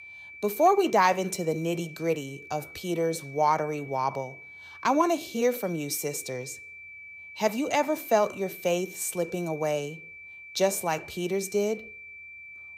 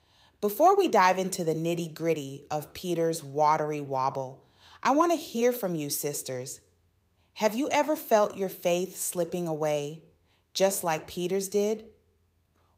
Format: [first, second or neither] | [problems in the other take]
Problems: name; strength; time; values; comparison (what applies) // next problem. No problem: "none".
second | high-pitched whine; noticeable; throughout; 2.5 kHz, 15 dB below the speech